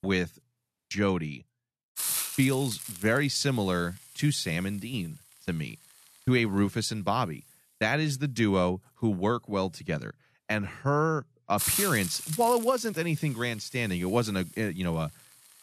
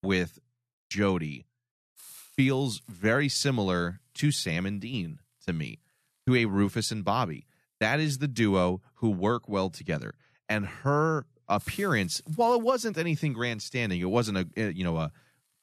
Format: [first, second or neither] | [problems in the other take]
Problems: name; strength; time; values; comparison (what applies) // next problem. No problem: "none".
second | hiss; loud; throughout; 5 dB below the speech; faint in the second